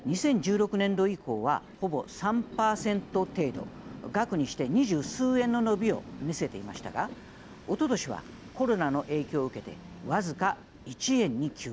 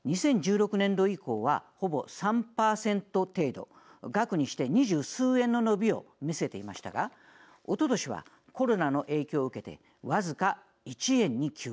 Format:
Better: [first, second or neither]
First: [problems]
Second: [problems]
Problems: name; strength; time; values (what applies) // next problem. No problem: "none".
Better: second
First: background sound (Train + Organ); 16 dB below the speech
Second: none